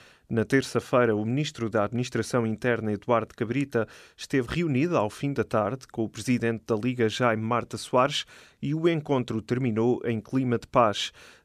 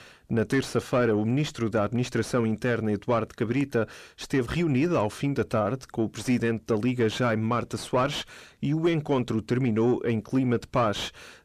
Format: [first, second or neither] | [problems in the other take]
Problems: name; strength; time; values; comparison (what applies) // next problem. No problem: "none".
first | distortion; slight; 10 dB below the speech